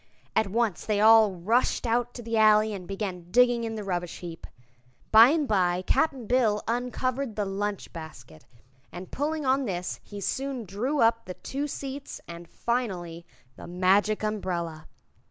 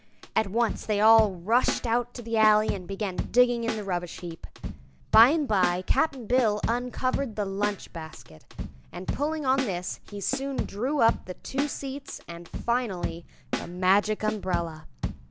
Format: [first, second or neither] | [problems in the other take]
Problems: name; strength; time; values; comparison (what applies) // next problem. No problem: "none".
first | background sound (Drum / Drum kit); 8 dB below the speech